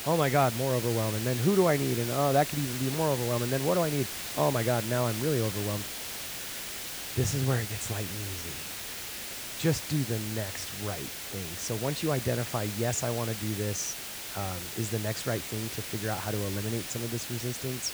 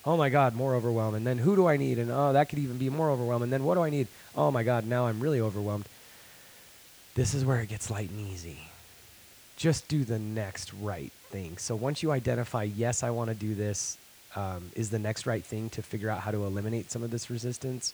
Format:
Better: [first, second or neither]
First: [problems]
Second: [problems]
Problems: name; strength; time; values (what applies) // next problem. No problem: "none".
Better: second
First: hiss; loud; throughout; 5 dB below the speech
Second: hiss; faint; throughout; 20 dB below the speech